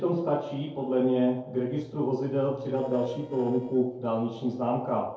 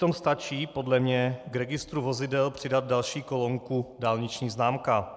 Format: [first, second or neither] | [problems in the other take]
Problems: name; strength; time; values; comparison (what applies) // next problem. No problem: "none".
second | noise reduction (neural separator model SepFormer DNS4)